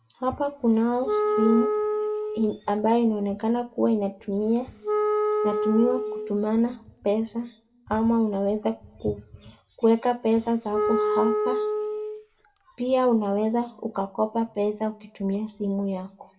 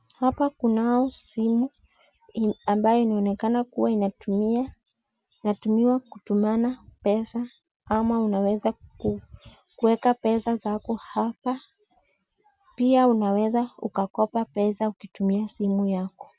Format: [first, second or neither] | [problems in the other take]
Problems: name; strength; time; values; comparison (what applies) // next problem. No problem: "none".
second | background sound (Wind instrument, woodwind instrument); 2 dB below the speech // room echo; dies away in 0.5 s